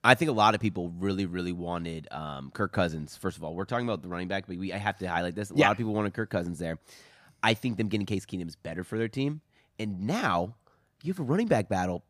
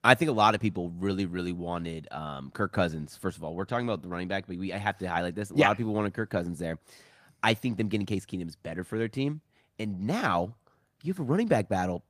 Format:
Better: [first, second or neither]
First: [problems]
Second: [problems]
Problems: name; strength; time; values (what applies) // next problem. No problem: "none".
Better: first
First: none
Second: garbled, watery; slightly; nothing above 15 kHz